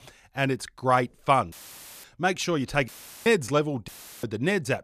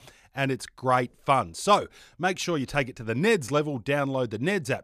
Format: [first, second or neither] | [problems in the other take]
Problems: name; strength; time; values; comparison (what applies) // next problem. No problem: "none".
second | audio cutting out; filled with static; at 1.5 s for 0.5 s, at 3 s and at 4 s